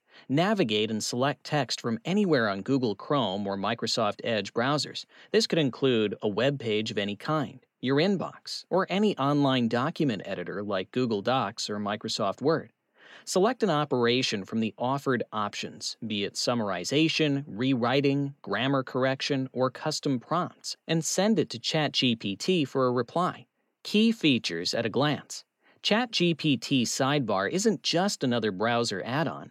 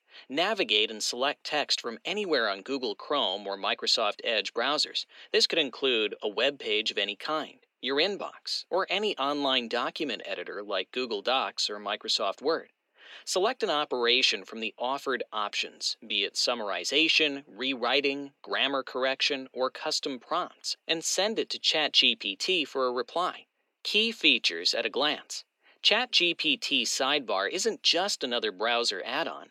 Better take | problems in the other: first | thin; somewhat; fading below 350 Hz

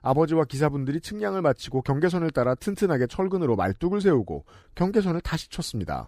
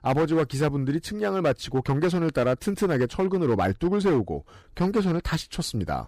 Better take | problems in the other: first | distortion; slight; 8% of the sound clipped

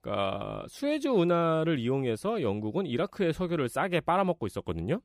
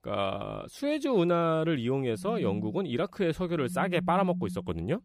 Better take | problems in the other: first | phone ringing; noticeable; from 2 s on; peak 5 dB below the speech

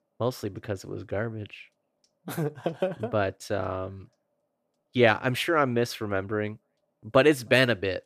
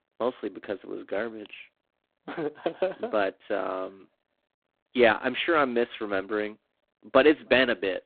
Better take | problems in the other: first | phone-call audio; poor line; nothing above 4 kHz

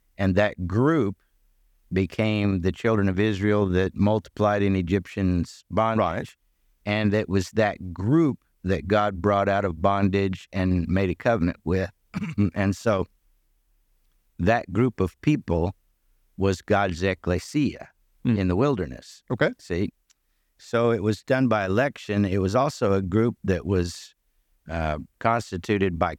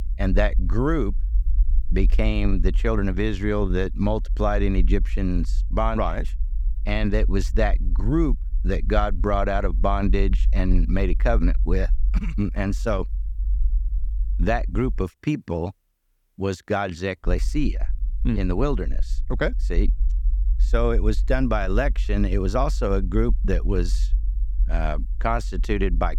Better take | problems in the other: first | low rumble; faint; until 15 s and from 17 s on; 25 dB below the speech

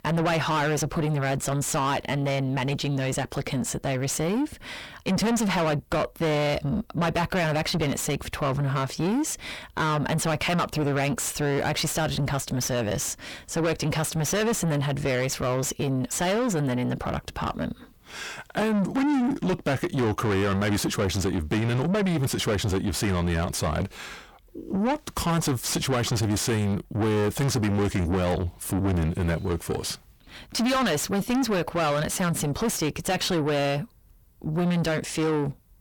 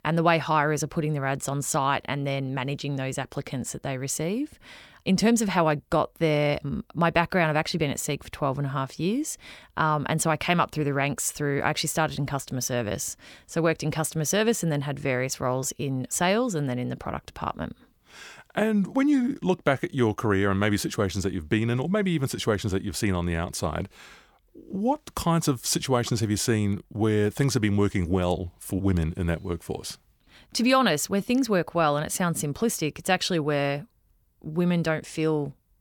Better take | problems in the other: second | distortion; heavy; 5 dB below the speech

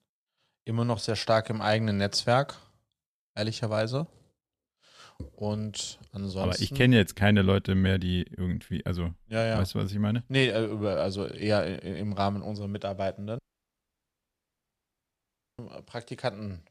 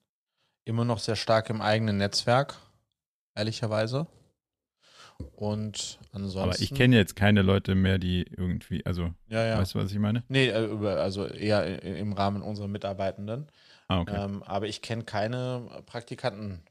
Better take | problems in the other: second | audio cutting out; at 13 s for 2 s

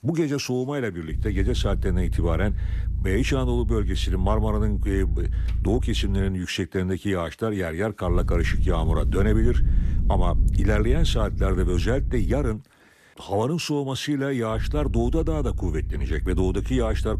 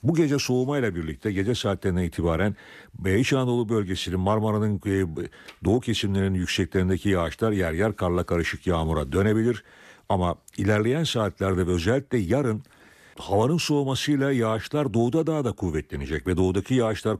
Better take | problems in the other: second | low rumble; noticeable; from 1 to 6.5 s, from 8 to 13 s and from 15 s on; 15 dB below the speech

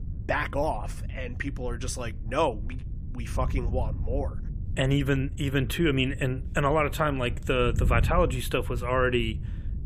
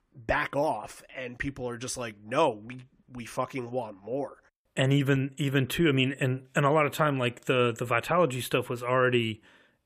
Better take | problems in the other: second | wind noise on the microphone; occasional gusts; 20 dB below the speech

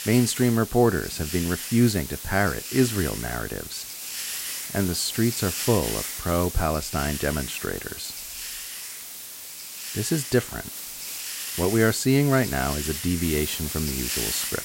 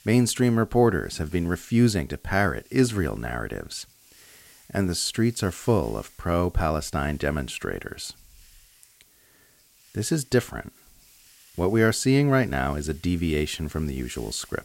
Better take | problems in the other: second | hiss; loud; throughout; 6 dB below the speech; faint in the second

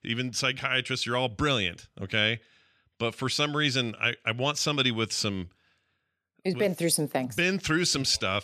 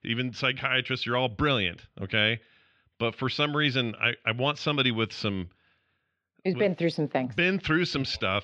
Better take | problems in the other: first | muffled; slightly; fading above 4 kHz

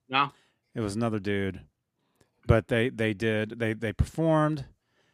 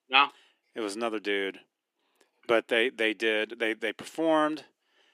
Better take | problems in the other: first | thin; very; fading below 300 Hz

